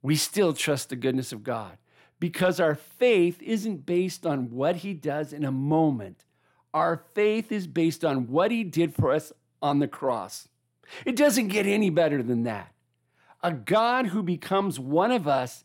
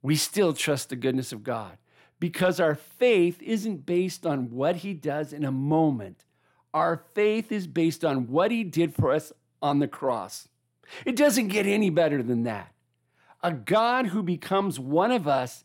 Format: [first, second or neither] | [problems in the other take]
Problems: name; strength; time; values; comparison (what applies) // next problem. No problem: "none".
neither | none